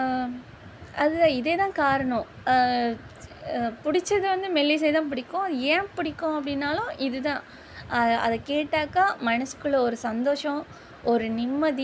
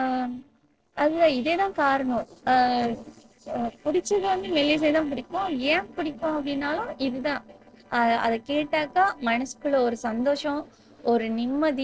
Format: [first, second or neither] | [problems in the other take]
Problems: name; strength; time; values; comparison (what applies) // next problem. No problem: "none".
first | noise reduction (neural separator model SepFormer DNS4)